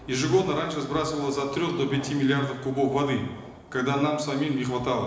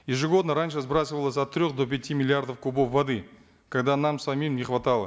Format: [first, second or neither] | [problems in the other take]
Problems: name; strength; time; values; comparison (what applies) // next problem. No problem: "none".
second | background sound (Thunder / Rain); 20 dB below the speech // room echo; dies away in 1 s